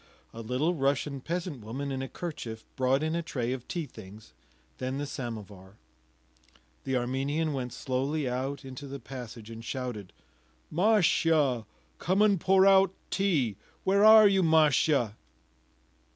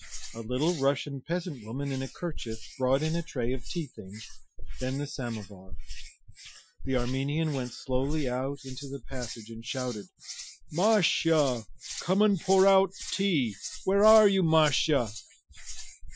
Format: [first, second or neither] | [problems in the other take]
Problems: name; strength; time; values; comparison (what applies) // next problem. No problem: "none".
first | noise reduction (classical method Wiener filter)